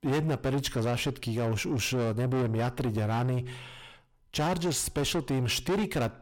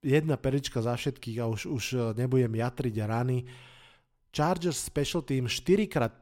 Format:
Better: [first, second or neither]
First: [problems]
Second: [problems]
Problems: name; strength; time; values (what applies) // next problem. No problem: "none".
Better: second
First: distortion; heavy; 6 dB below the speech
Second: none